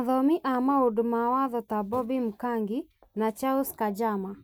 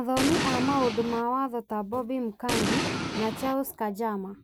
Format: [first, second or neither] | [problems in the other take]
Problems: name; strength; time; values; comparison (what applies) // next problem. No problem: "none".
first | background sound (Explosion); 1 dB below the speech